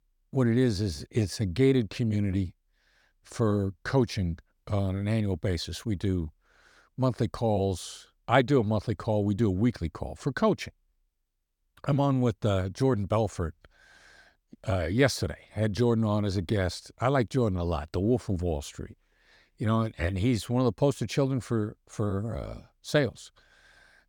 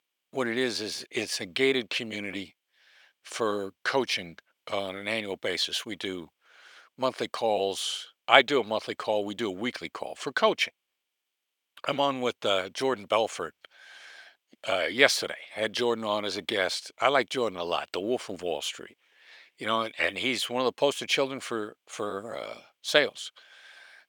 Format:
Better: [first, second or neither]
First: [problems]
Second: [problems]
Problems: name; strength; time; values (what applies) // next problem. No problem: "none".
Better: first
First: none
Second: thin; very; fading below 500 Hz